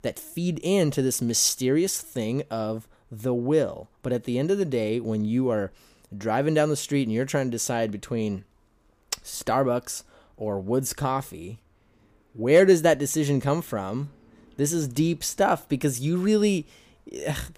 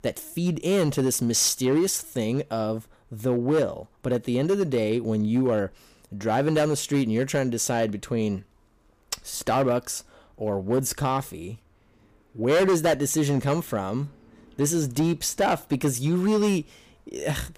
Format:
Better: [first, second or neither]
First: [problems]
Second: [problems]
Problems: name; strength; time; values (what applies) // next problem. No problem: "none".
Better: first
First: none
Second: distortion; slight; 6% of the sound clipped